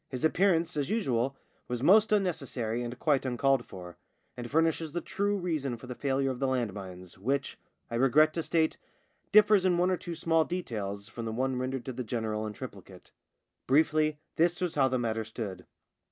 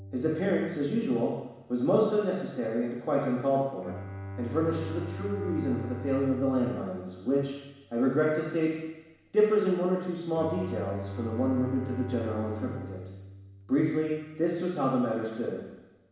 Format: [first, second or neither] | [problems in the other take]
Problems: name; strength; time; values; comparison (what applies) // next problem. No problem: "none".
first | background sound (Bowed string instrument); 13 dB below the speech // room echo; dies away in 1.1 s